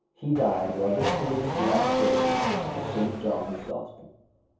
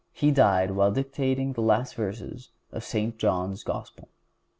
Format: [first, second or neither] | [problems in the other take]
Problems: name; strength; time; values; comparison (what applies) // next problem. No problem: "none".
second | background sound (Race car, auto racing / Accelerating, revving, vroom); 1 dB above the speech // room echo; dies away in 0.7 s